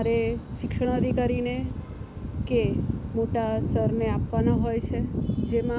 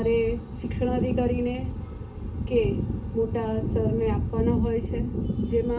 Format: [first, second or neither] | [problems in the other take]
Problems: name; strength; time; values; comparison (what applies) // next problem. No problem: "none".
first | room echo; dies away in 0.3 s